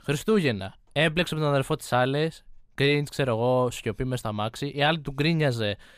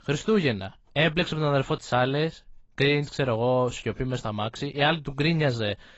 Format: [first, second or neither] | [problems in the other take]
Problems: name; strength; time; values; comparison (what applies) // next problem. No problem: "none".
first | garbled, watery; badly; nothing above 7.5 kHz